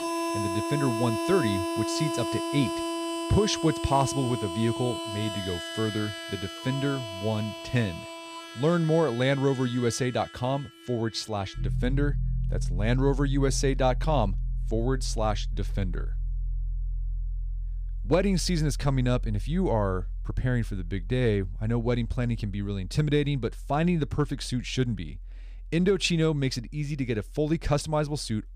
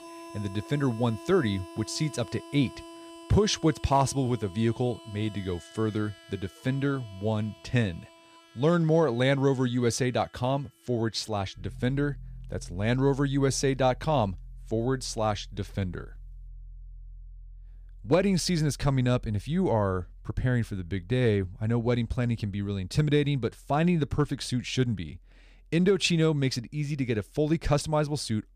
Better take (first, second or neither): second